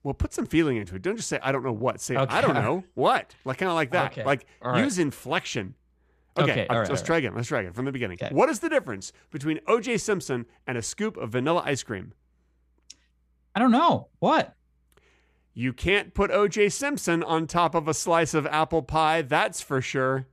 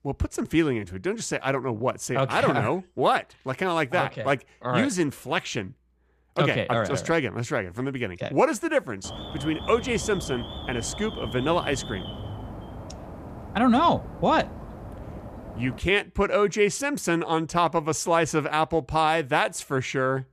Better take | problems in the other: first | alarm; faint; from 9 to 16 s; peak 10 dB below the speech

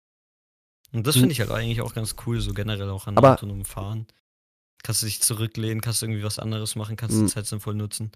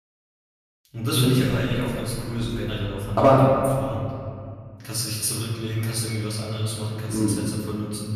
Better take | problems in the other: first | off-mic speech; far // room echo; noticeable; dies away in 2.2 s

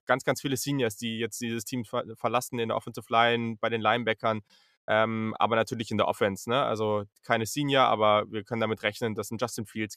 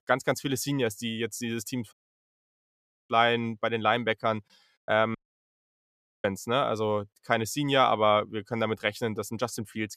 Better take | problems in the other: first | audio cutting out; at 2 s for 1 s and at 5 s for 1 s

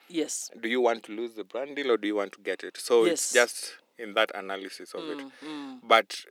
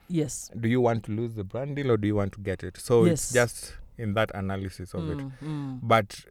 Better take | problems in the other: second | thin; somewhat; fading below 300 Hz

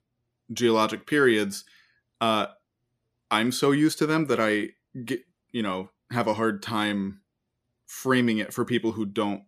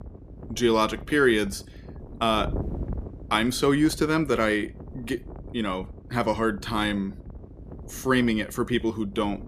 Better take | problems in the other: first | wind noise on the microphone; occasional gusts; 20 dB below the speech

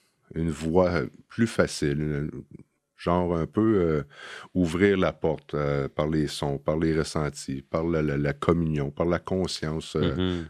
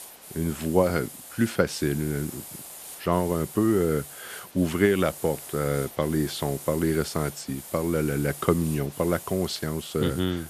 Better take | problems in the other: first | hiss; noticeable; throughout; 15 dB below the speech

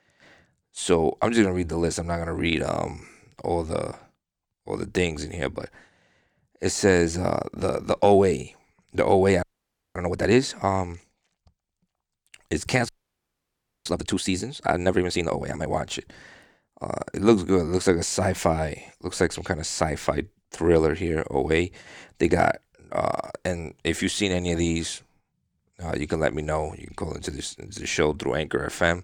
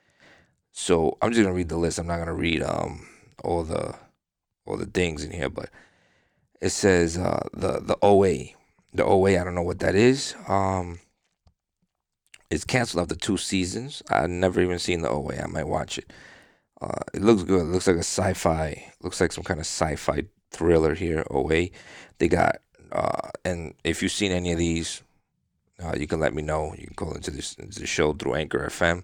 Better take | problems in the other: second | audio freezing; at 9.5 s for 0.5 s and at 13 s for 1 s

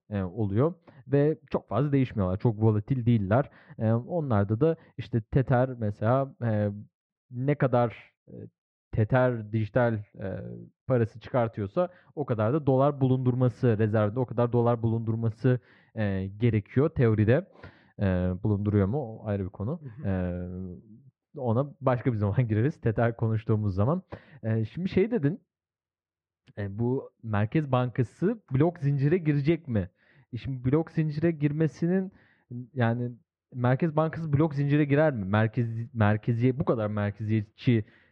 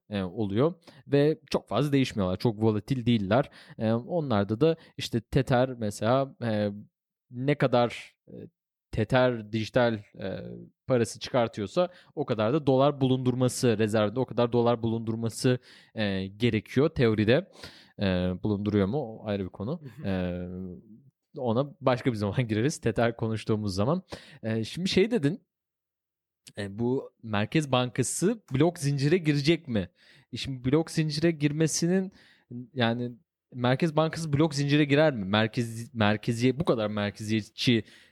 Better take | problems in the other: second | muffled; very; fading above 1.5 kHz

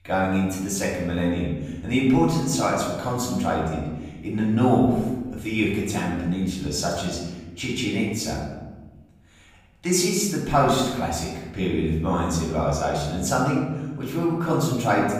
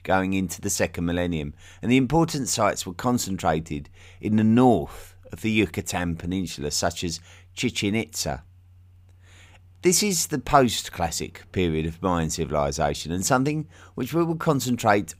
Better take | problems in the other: second | room echo; noticeable; dies away in 1.2 s // off-mic speech; far

